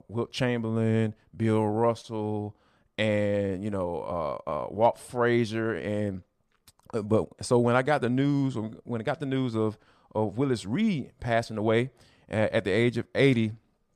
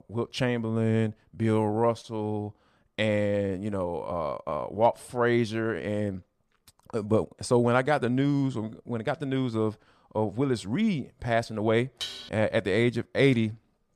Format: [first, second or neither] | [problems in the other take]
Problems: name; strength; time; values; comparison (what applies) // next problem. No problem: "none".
first | clattering dishes; noticeable; at 12 s; peak 8 dB below the speech